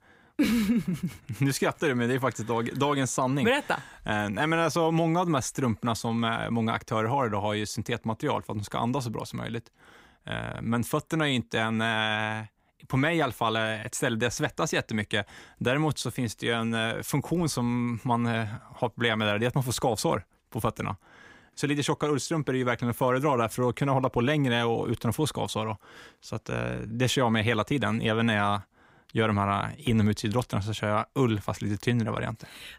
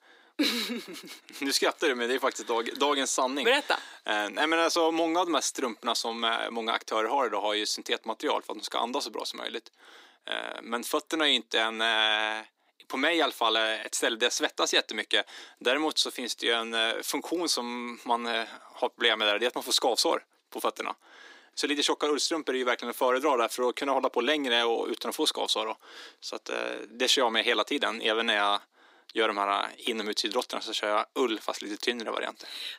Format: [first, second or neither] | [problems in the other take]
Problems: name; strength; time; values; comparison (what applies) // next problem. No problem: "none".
first | thin; somewhat; fading below 300 Hz